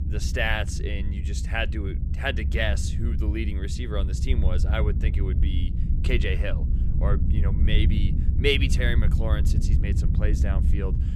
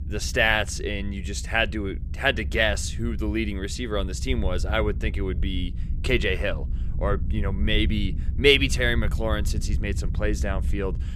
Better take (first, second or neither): second